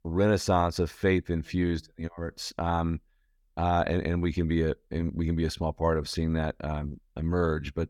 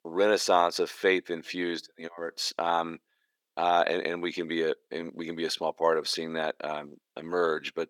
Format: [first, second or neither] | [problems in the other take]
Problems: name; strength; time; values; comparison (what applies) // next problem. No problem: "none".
first | thin; somewhat; fading below 350 Hz